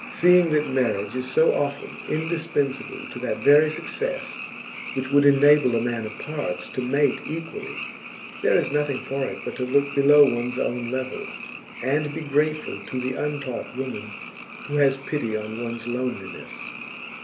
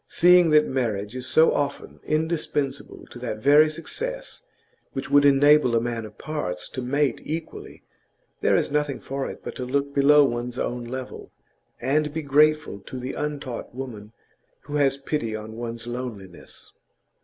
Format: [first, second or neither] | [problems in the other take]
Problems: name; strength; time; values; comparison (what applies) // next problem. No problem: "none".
second | background sound (Frog); 13 dB below the speech // room echo; dies away in 0.3 s